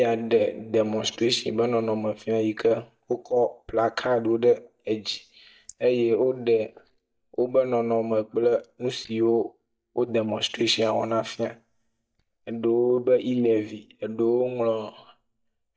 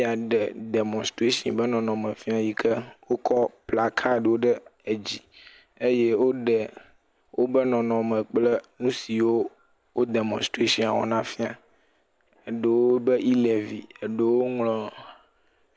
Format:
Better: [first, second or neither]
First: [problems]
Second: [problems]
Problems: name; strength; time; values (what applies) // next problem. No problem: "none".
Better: second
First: noise reduction (neural mask model DeepFilterNet 3)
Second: none